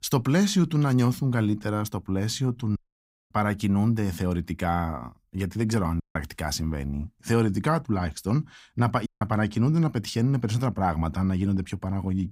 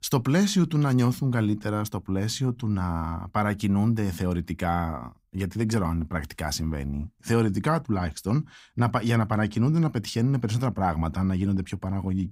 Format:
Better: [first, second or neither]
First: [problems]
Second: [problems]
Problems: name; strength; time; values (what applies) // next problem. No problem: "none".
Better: second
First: audio cutting out; at 3 s for 0.5 s, at 6 s and at 9 s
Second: none